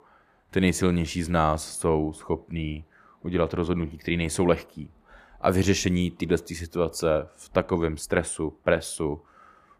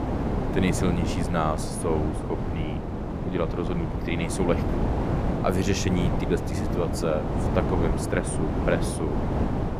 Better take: first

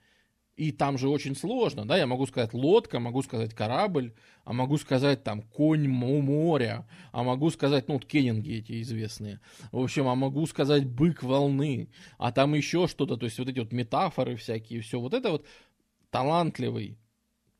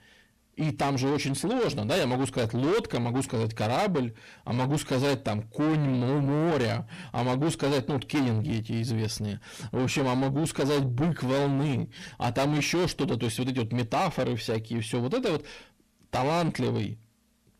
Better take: first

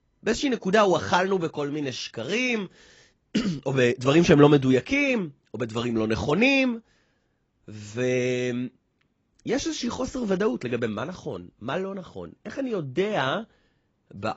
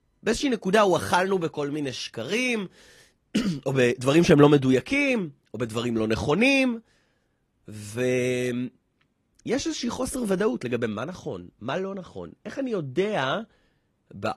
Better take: second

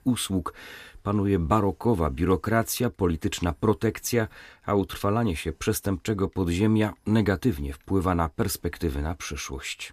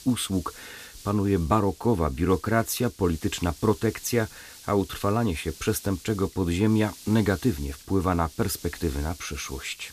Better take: first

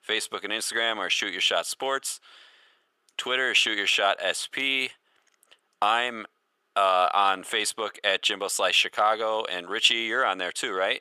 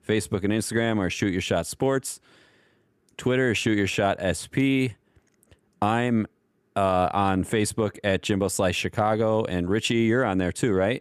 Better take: second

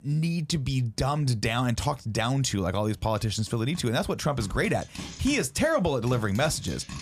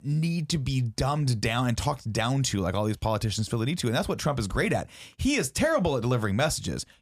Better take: second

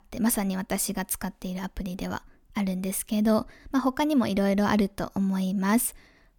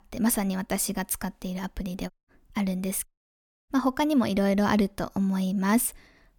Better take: first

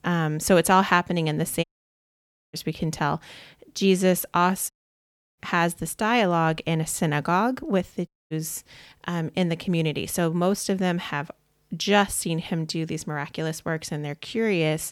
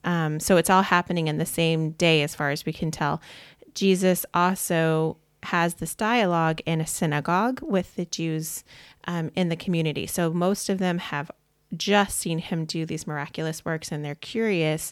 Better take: second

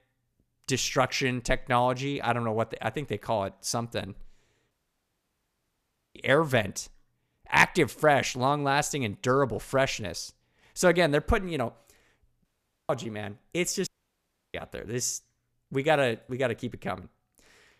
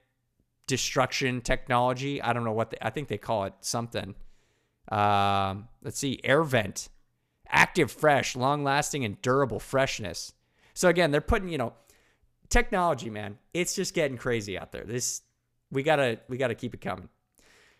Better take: second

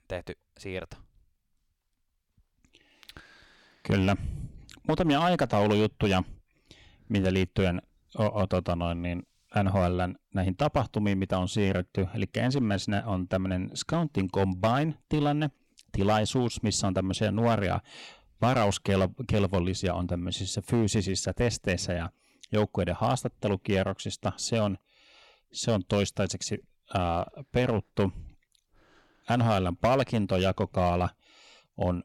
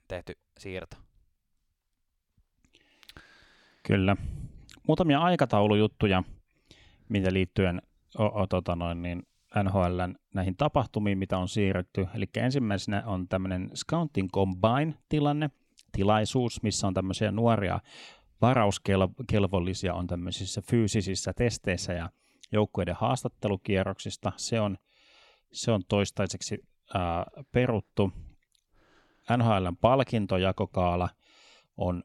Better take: second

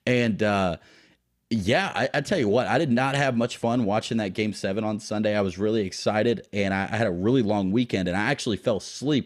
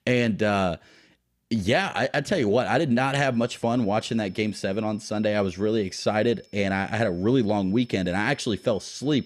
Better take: first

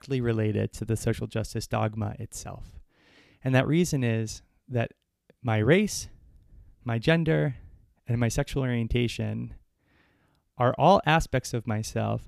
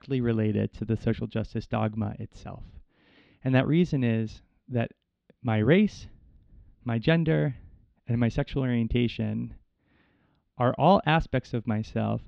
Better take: first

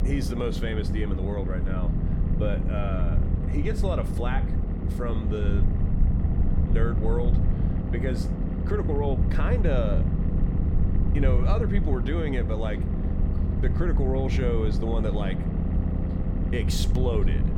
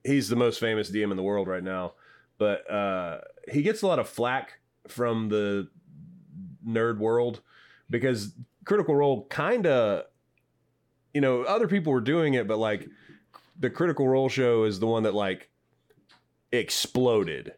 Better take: second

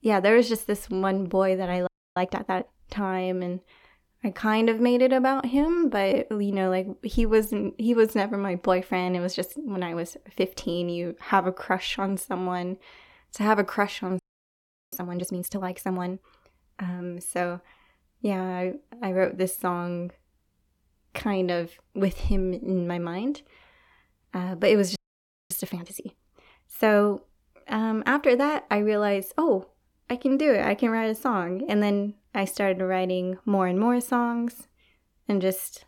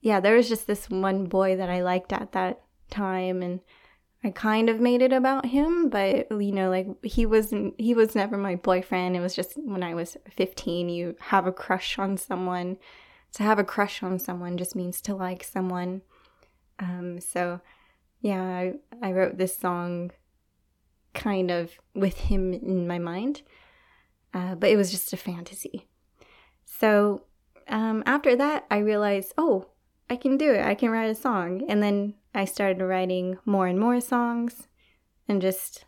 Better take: second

